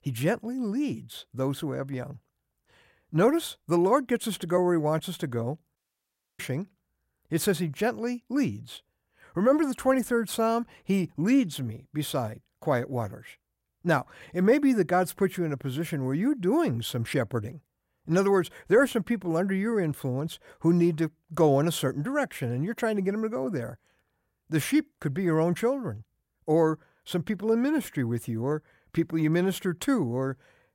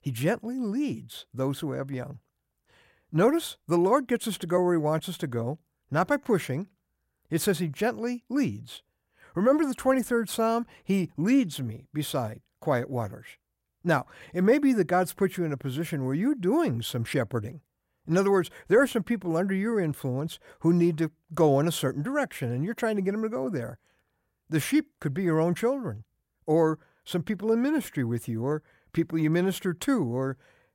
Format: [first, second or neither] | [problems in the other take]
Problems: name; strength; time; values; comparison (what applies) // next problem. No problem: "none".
second | audio cutting out; at 6 s for 0.5 s